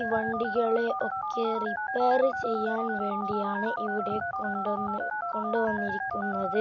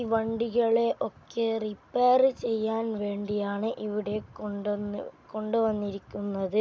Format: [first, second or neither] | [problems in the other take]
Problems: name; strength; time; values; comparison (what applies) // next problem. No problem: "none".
second | background sound (Telephone); 2 dB below the speech